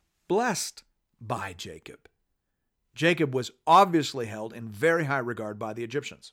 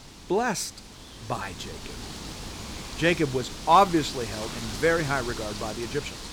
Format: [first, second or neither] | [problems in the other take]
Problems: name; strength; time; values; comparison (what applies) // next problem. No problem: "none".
first | wind noise on the microphone; occasional gusts; 15 dB below the speech